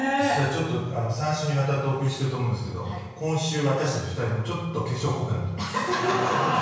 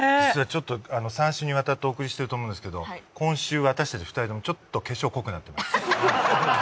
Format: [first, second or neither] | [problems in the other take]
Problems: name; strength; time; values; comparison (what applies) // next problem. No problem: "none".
second | room echo; dies away in 1 s